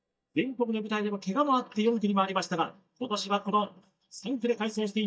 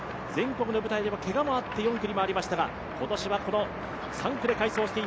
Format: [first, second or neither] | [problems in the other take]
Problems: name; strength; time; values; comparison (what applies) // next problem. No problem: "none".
second | noise reduction (neural mask model DeepFilterNet 3)